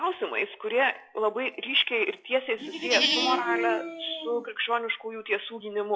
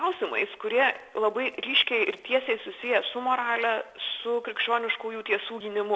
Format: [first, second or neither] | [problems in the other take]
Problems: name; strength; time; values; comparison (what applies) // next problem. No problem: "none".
second | noise reduction (classical method log-MMSE)